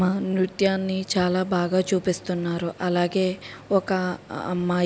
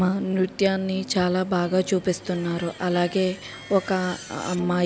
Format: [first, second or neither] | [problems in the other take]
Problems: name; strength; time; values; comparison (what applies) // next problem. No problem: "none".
first | background sound (Screech + Plucked string instrument); 18 dB below the speech